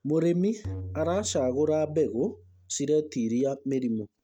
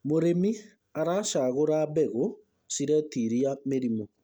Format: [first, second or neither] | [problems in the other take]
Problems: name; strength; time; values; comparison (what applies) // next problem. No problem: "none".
second | noise reduction (neural mask model RNNoise)